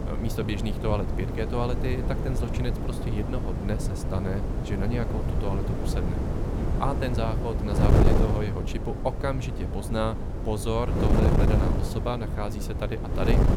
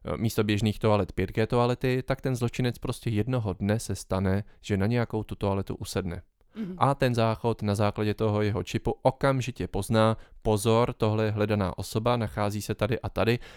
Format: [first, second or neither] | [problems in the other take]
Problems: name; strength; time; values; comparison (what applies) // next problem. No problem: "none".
second | wind noise on the microphone; heavy; 2 dB below the speech